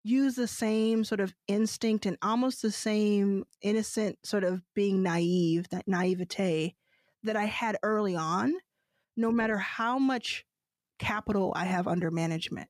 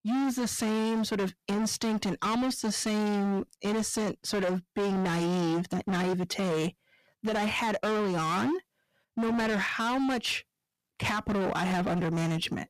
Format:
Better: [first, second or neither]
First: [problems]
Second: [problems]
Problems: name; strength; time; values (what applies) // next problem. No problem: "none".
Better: first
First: none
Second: distortion; heavy; 31% of the sound clipped